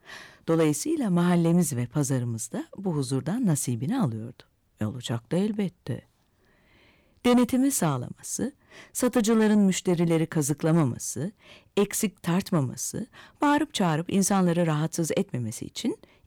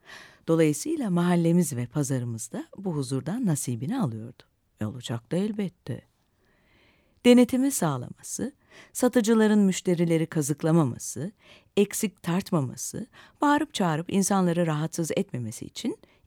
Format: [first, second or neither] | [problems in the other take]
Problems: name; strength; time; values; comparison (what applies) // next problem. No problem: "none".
second | distortion; slight; 10 dB below the speech